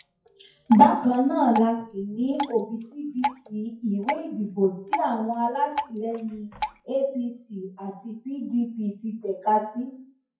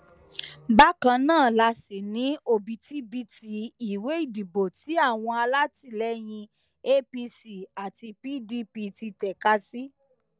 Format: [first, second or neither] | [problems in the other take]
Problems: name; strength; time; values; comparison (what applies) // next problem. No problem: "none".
second | noise reduction (classical method WPE with log-MMSE)